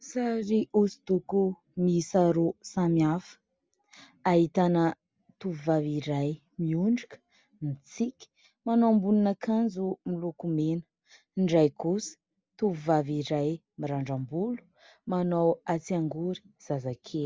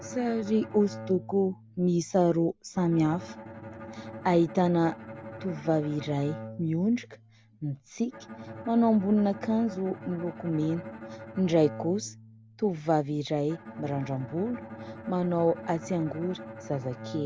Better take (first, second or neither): first